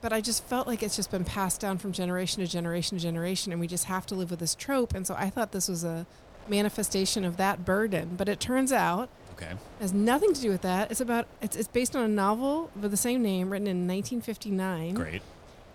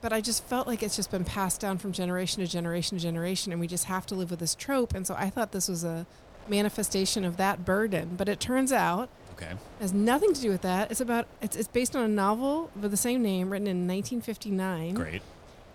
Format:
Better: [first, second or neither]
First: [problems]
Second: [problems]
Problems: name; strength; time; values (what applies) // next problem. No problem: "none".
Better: neither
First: wind noise on the microphone; occasional gusts; 20 dB below the speech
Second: wind noise on the microphone; occasional gusts; 20 dB below the speech